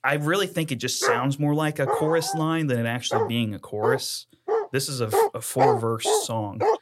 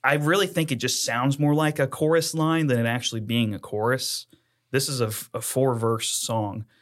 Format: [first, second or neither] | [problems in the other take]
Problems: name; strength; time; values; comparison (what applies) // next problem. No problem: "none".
second | dog barking; loud; from 1 s on; peak 3 dB above the speech